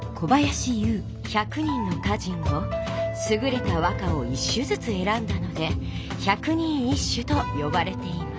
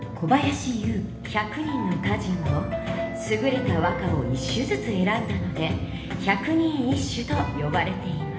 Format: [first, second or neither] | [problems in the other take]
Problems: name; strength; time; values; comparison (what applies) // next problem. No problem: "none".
first | background sound (Bowed string instrument); 17 dB below the speech // room echo; dies away in 1.1 s